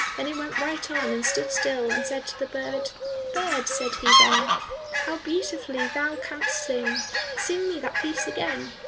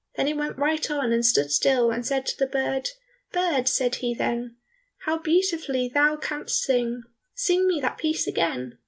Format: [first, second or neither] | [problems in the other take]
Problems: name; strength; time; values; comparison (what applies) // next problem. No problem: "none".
second | background sound (Fowl); 3 dB above the speech